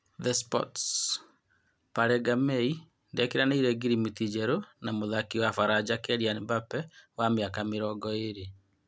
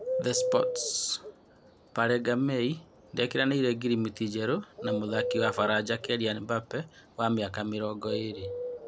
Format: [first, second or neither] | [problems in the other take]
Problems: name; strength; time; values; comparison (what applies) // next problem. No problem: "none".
first | background sound (Bird); 7 dB below the speech